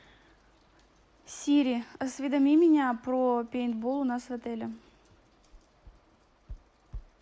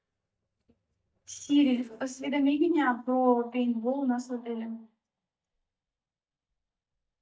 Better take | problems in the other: first | noise reduction (neural mask model DeepFilterNet 3)

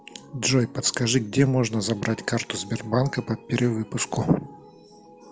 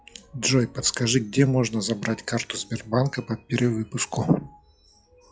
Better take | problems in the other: first | noise reduction (classical method log-MMSE)

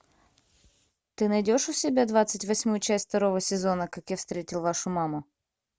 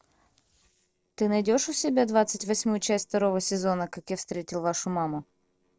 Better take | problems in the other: first | noise reduction (neural separator model SepFormer DNS4)

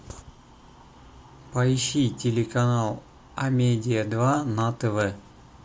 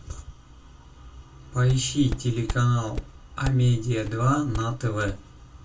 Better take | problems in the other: first | background sound (Walk, footsteps); 10 dB below the speech // room echo; dies away in 0.2 s

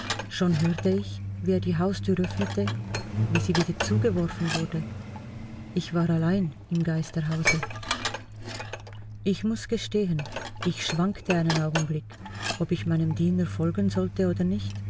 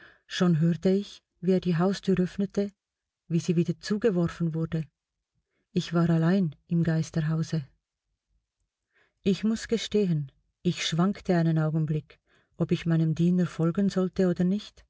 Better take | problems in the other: second | background sound (Truck + Dishes, pots, and pans); 5 dB below the speech

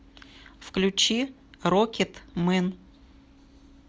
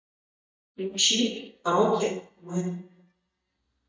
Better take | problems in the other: first | noise reduction (neural mask model DeepFilterNet 3)

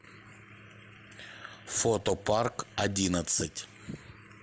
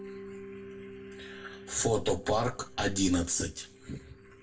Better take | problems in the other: first | noise reduction (neural separator model SepFormer DNS4)

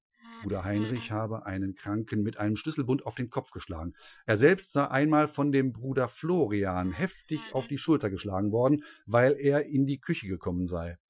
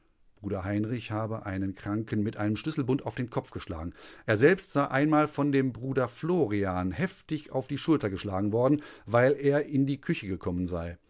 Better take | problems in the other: second | noise reduction (classical method Wiener filter)

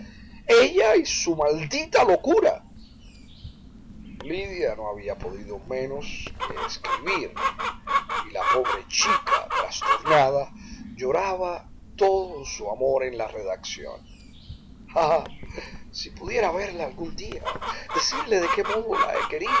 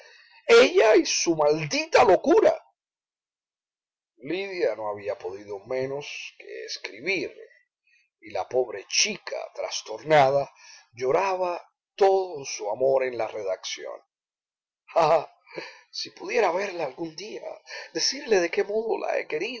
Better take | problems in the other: second | background sound (Chicken, rooster); 5 dB below the speech

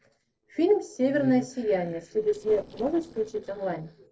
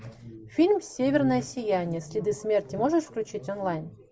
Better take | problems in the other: second | noise reduction (neural separator model SepFormer DNS4)

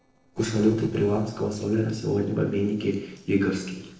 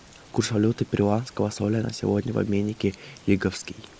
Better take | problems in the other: second | noise reduction (neural separator model SepFormer DNS4)

